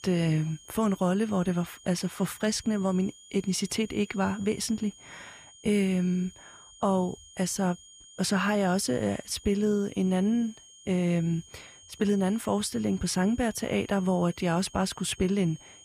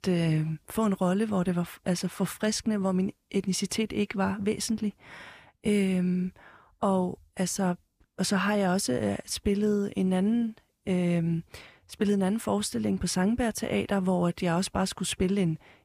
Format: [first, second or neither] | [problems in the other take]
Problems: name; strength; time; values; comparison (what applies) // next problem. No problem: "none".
second | high-pitched whine; faint; throughout; 3 kHz, 20 dB below the speech